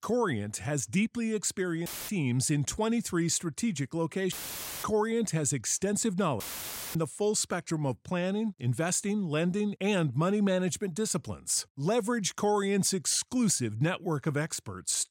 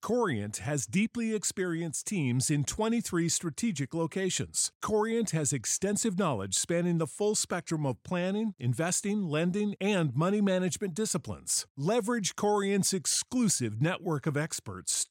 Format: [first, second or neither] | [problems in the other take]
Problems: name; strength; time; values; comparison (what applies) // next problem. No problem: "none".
second | audio cutting out; filled with static; at 2 s, at 4.5 s for 0.5 s and at 6.5 s for 0.5 s